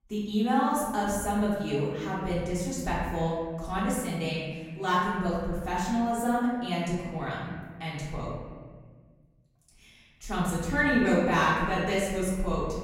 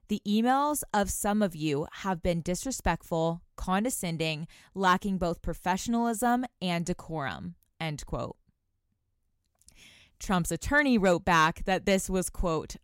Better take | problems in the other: second | off-mic speech; far // room echo; noticeable; dies away in 1.4 s

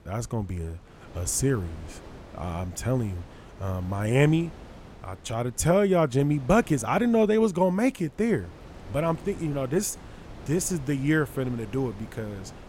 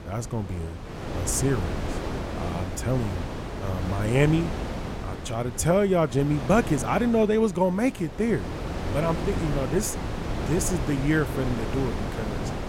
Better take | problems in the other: first | wind noise on the microphone; heavy; 8 dB below the speech; occasional gusts in the first

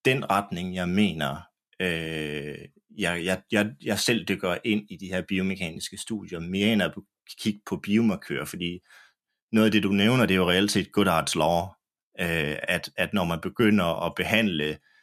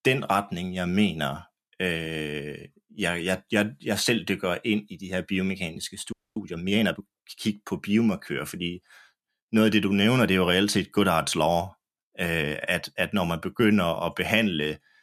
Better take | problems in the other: first | audio freezing; at 6 s

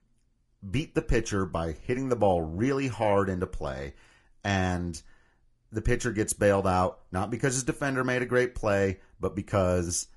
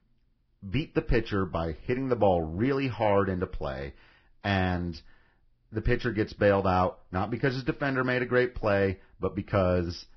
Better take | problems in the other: first | garbled, watery; badly; nothing above 5.5 kHz; slightly in the first

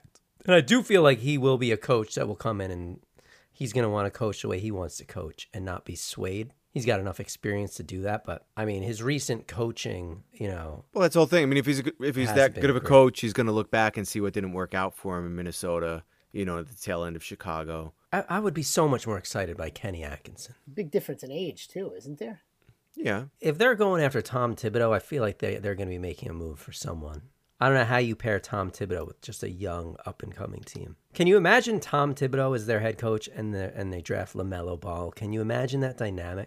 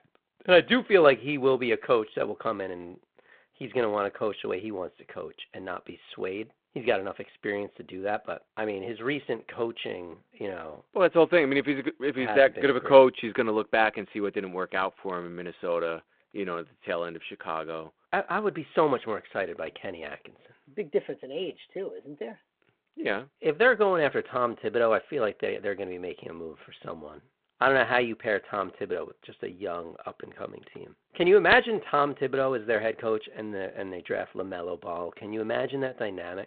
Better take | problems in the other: first | phone-call audio; nothing above 3.5 kHz

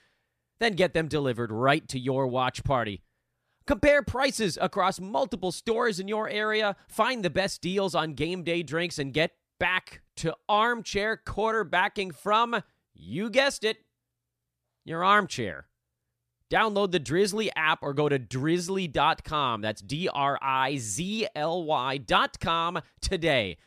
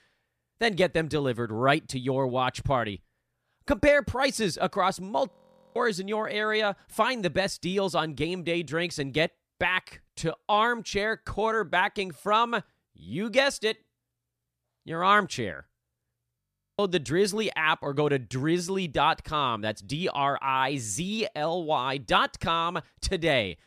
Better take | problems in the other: first | audio freezing; at 5.5 s and at 16 s

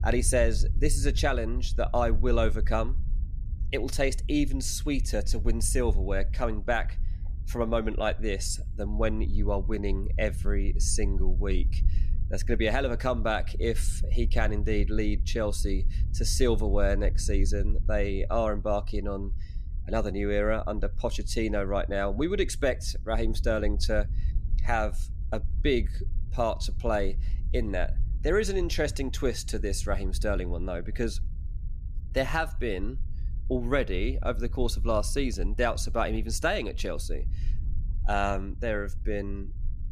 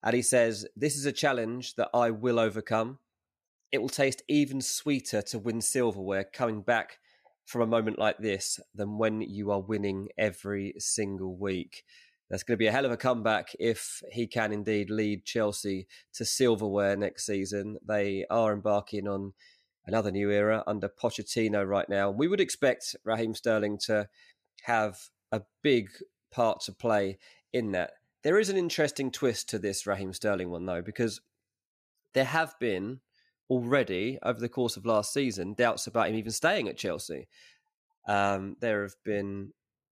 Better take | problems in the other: second | low rumble; faint; throughout; 20 dB below the speech

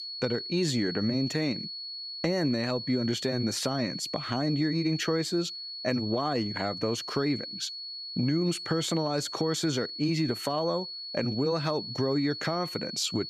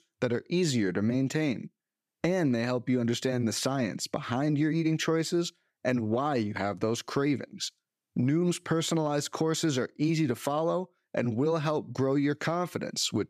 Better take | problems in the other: second | high-pitched whine; loud; throughout; 4.5 kHz, 6 dB below the speech

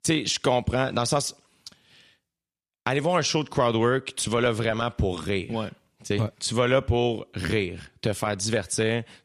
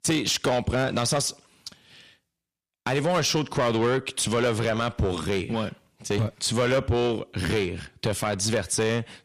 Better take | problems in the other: first | distortion; slight; 10 dB below the speech

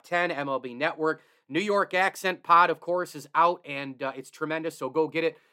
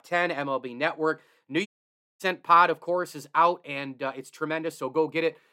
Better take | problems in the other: first | audio cutting out; at 1.5 s for 0.5 s

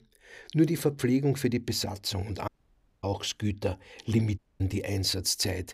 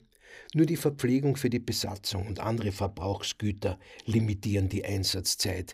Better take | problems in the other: second | audio cutting out; at 2.5 s for 0.5 s and at 4.5 s

